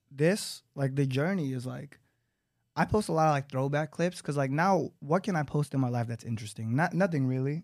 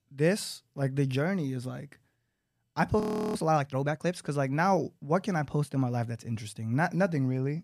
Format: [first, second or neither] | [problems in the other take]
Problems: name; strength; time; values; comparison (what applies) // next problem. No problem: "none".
first | audio freezing; at 3 s